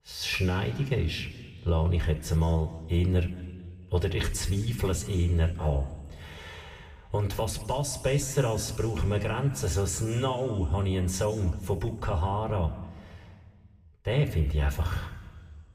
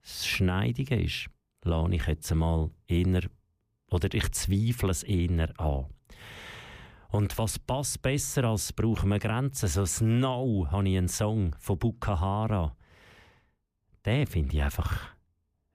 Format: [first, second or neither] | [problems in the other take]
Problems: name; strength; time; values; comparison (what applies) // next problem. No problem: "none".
second | room echo; slight; dies away in 1.4 s